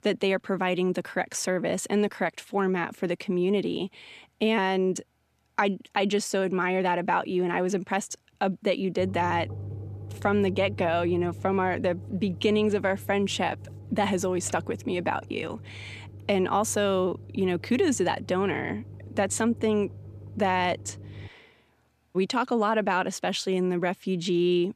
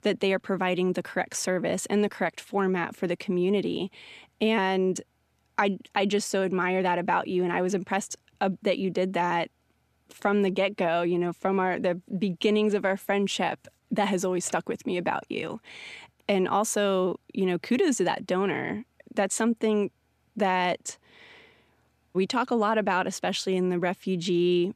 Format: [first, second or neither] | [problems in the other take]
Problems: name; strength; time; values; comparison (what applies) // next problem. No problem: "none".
second | low rumble; faint; from 9 to 21 s; 25 dB below the speech